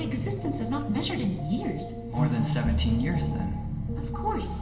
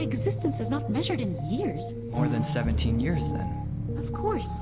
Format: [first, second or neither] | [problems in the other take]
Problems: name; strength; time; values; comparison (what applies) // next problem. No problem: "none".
second | room echo; dies away in 0.9 s